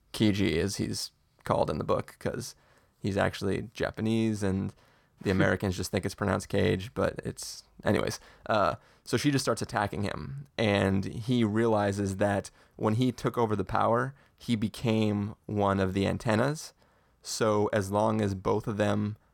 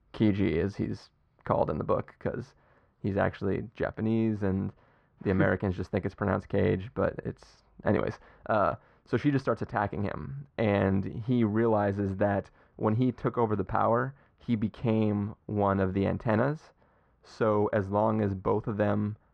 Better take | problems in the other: first | muffled; very; fading above 2 kHz

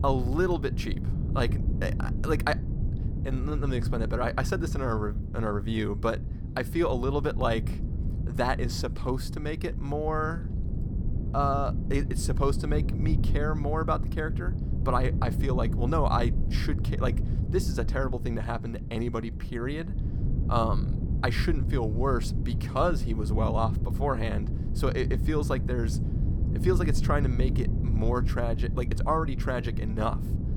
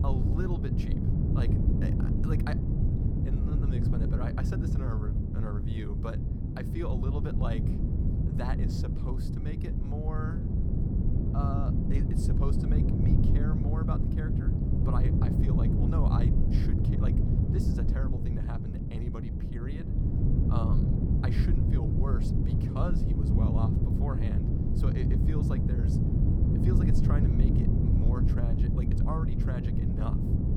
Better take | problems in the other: first | wind noise on the microphone; heavy; 3 dB above the speech; occasional gusts in the first

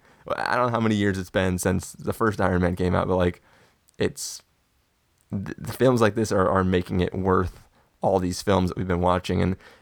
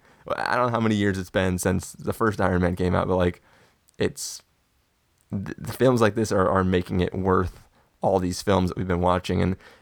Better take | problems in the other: neither | none

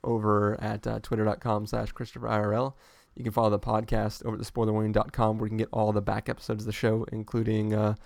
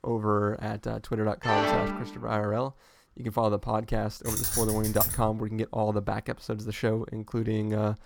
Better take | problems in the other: first | phone ringing; loud; at 1.5 s; peak 5 dB above the speech // jangling keys; loud; from 4.5 to 5.5 s; peak 3 dB above the speech

